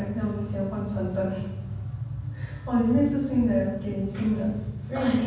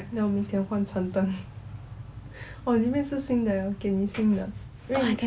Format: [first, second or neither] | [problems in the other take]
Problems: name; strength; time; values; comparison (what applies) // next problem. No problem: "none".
second | room echo; dies away in 1.2 s